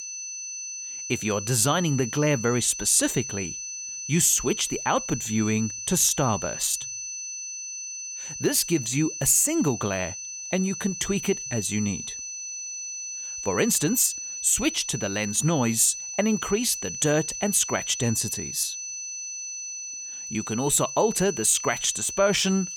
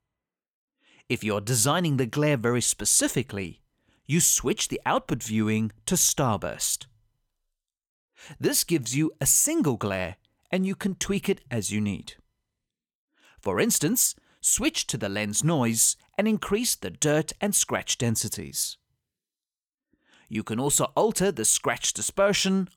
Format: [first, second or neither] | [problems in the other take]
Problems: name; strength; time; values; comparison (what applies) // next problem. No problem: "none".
second | high-pitched whine; loud; throughout; 6 kHz, 8 dB below the speech